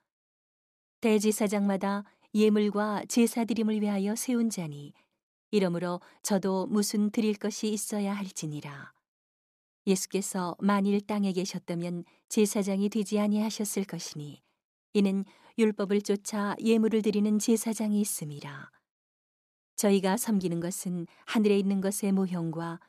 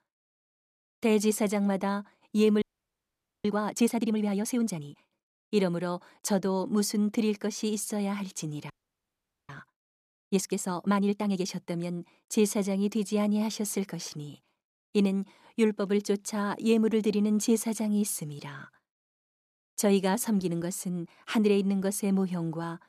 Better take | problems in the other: first | audio freezing; at 2.5 s for 1 s and at 8.5 s for 1 s

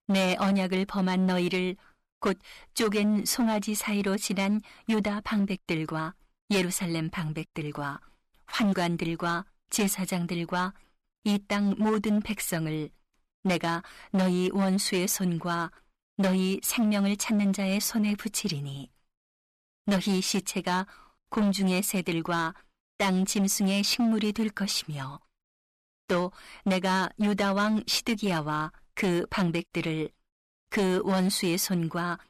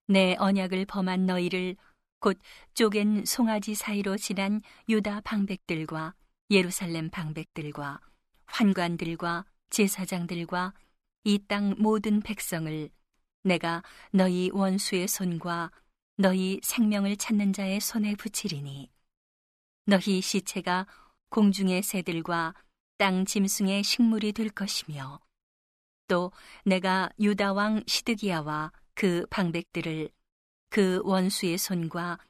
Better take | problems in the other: second | distortion; slight; 10% of the sound clipped

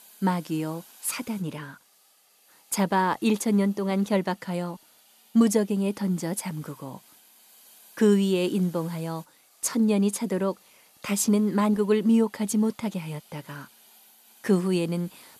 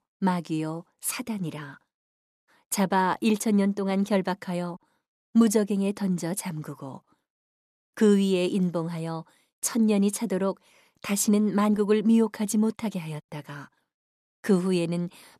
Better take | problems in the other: second | hiss; faint; throughout; 25 dB below the speech

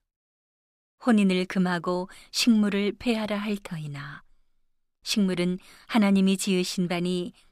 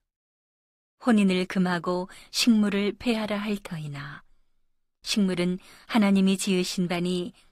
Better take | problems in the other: first | garbled, watery; slightly; nothing above 15.5 kHz

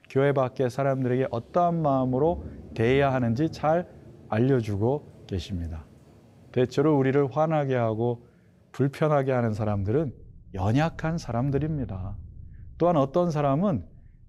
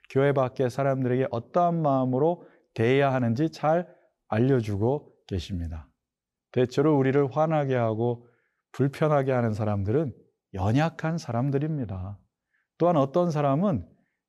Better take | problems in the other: second | rain or running water; faint; throughout; 20 dB below the speech

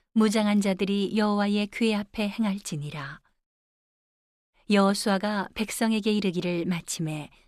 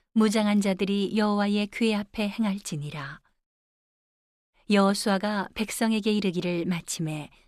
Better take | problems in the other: neither | none

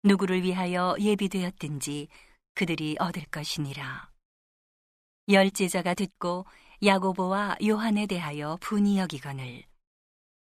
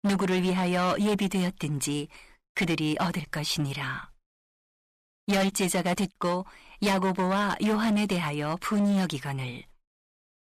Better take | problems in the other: first | distortion; heavy; 13% of the sound clipped

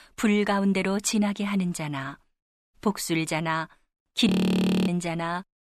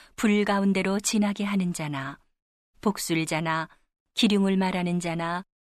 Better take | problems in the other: second | audio freezing; at 4.5 s for 0.5 s

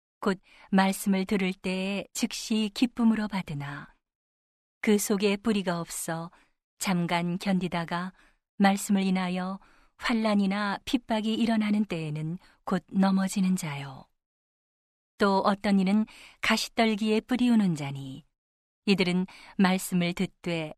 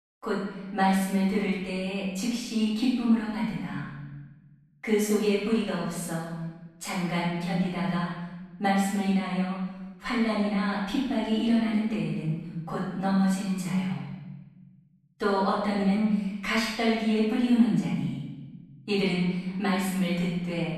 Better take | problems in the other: first | off-mic speech; far // room echo; strong; dies away in 1.3 s

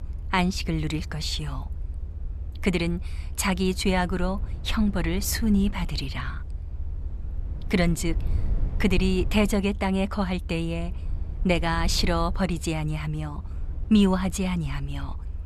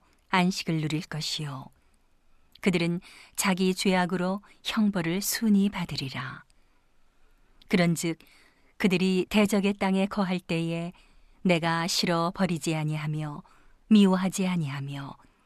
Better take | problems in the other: second | low rumble; faint; throughout; 20 dB below the speech

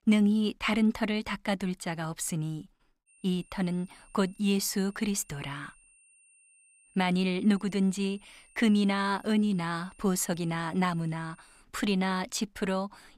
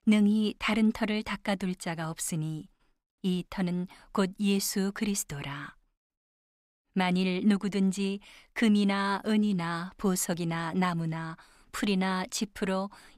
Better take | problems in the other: second | high-pitched whine; faint; from 3 to 12 s; 9 kHz, 30 dB below the speech

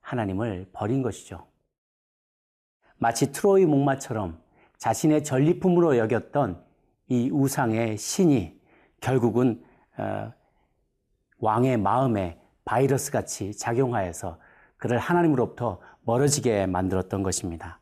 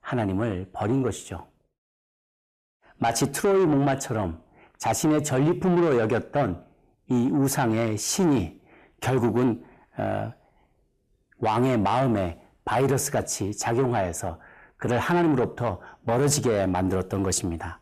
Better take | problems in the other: first | distortion; slight; 10 dB below the speech

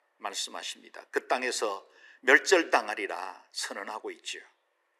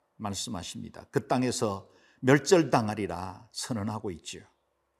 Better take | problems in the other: second | thin; very; fading below 350 Hz

